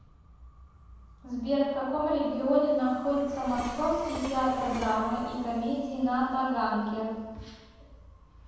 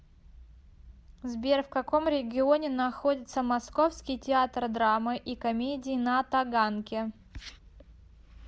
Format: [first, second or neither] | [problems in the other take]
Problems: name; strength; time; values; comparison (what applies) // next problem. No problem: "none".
second | background sound (Train); 17 dB below the speech // room echo; dies away in 1.2 s